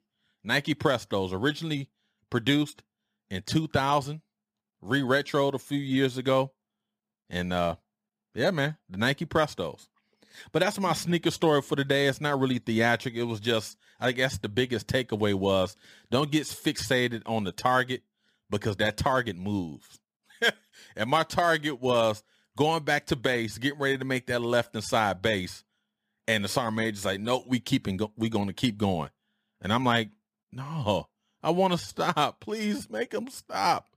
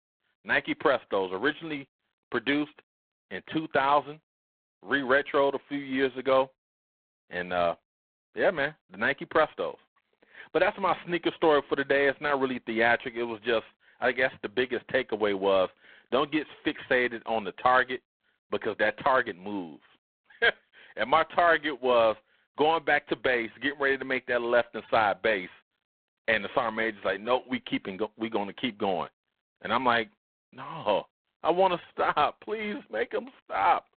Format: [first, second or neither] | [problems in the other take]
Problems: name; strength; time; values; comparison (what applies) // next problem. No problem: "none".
first | phone-call audio; poor line; nothing above 3.5 kHz